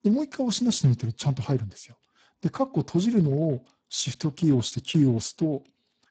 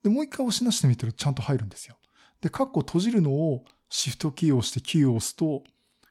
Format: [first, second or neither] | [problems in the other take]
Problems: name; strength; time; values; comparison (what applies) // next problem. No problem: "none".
second | garbled, watery; badly; nothing above 7.5 kHz